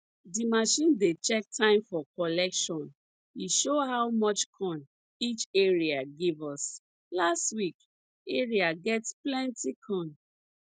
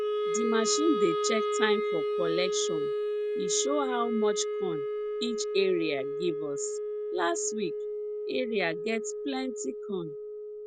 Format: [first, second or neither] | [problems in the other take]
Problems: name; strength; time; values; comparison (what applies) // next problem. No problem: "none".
first | background sound (Wind instrument, woodwind instrument); as loud as the speech